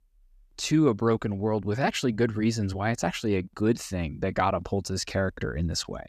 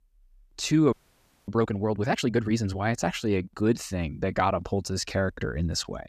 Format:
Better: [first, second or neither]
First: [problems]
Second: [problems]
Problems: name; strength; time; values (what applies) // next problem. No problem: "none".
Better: first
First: none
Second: audio freezing; at 1 s for 0.5 s